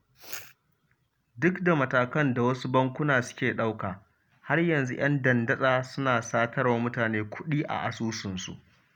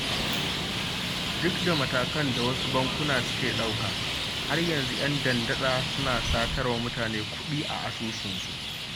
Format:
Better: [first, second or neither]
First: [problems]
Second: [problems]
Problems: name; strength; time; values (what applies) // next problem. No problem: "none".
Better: first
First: none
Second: background sound (Traffic noise, roadway noise); 1 dB above the speech